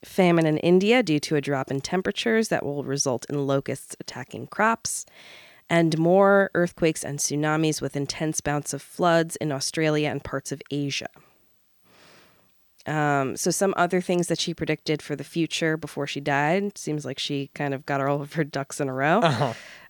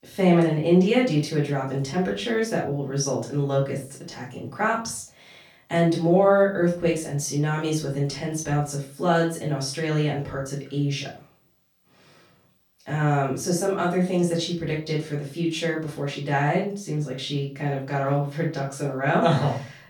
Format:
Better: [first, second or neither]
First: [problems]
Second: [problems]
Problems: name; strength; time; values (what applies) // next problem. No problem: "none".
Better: first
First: none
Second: off-mic speech; far // room echo; slight; dies away in 0.3 s